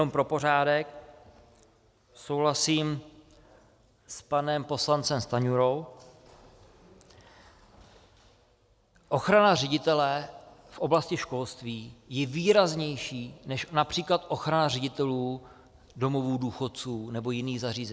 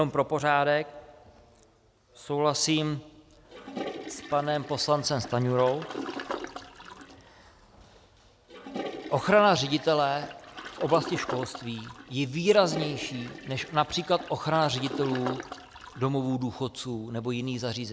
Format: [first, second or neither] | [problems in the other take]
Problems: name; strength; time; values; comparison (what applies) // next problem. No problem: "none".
first | background sound (Toilet flush); 11 dB below the speech